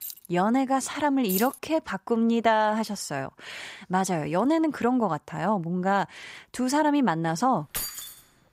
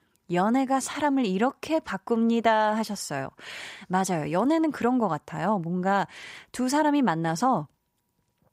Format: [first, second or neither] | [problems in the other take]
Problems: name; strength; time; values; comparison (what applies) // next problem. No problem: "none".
second | jangling keys; faint; at the start; peak 10 dB below the speech // jangling keys; noticeable; at 1.5 s and at 7.5 s; peak 6 dB below the speech